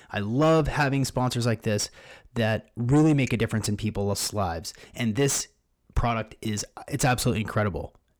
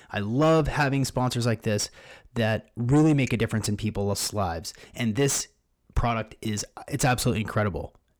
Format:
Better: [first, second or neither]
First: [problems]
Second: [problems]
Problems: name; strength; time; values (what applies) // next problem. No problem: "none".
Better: neither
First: distortion; slight; 9 dB below the speech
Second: distortion; slight; 9 dB below the speech